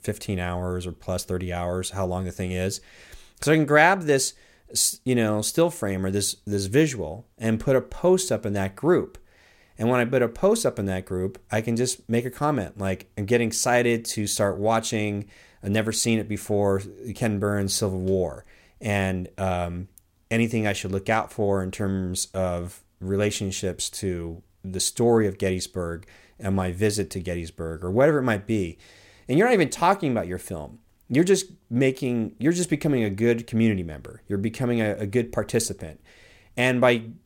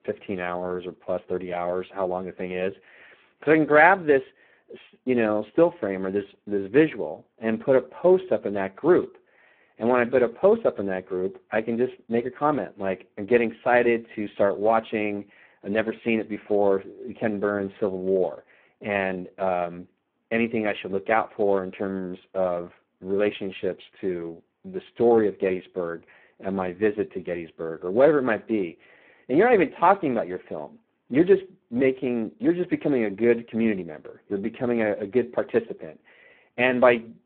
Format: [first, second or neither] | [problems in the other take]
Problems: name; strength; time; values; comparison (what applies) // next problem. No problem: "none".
first | phone-call audio; poor line; nothing above 3.5 kHz